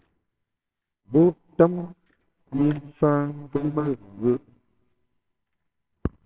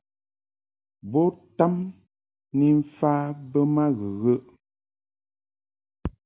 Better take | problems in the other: second | noise reduction (neural separator model SepFormer WHAMR!)

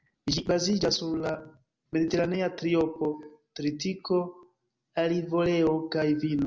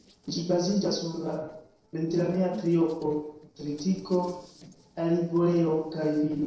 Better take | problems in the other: first | noise reduction (neural separator model SepFormer DNS4)

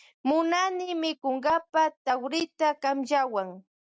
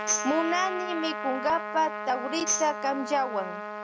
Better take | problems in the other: first | background sound (Tambourine + Trumpet); 4 dB below the speech

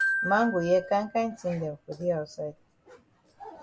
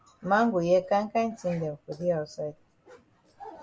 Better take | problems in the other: second | background sound (Glockenspiel); 7 dB below the speech

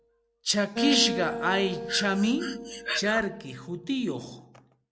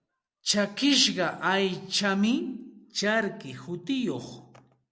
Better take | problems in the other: second | background sound (Acoustic guitar + Breathing); 7 dB below the speech

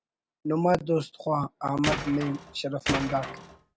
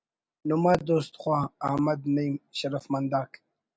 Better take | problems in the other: second | background sound (Tools); 4 dB below the speech

